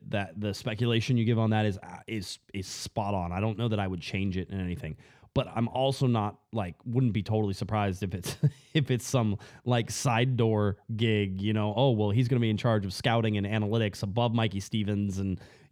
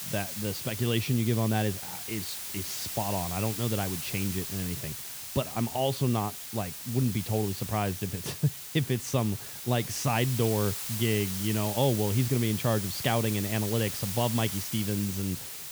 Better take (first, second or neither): first